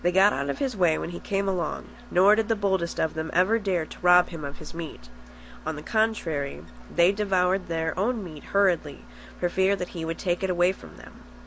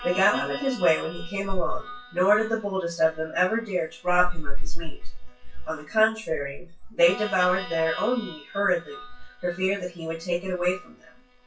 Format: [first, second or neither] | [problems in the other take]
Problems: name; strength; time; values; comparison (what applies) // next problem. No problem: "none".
first | noise reduction (classical method WPE with log-MMSE)